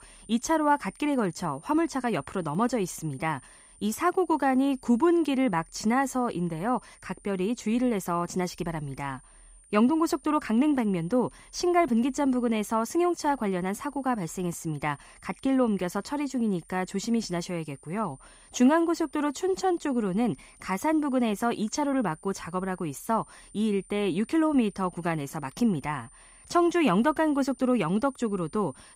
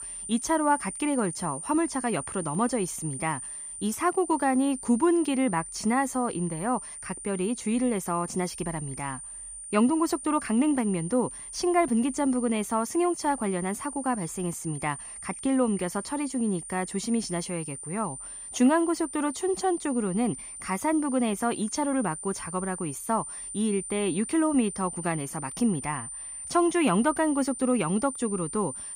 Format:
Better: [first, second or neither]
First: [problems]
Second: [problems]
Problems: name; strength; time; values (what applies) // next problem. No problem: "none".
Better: first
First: high-pitched whine; faint; throughout; 9 kHz, 25 dB below the speech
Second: high-pitched whine; loud; throughout; 9 kHz, 9 dB below the speech